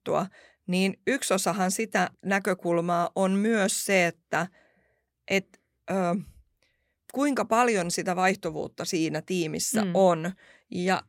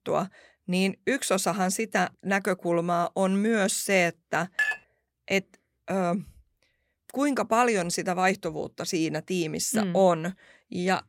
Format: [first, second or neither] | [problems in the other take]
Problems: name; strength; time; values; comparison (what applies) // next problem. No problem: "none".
first | clattering dishes; noticeable; at 4.5 s; peak 1 dB below the speech